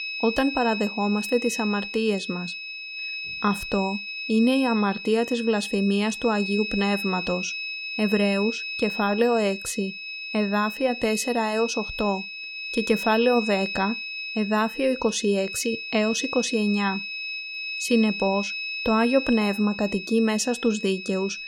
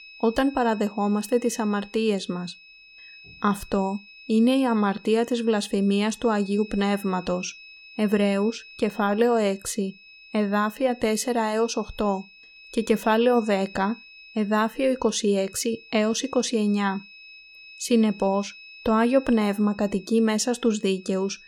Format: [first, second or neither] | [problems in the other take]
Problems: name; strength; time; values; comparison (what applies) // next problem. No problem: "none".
second | high-pitched whine; loud; throughout; 2.5 kHz, 6 dB below the speech; faint in the second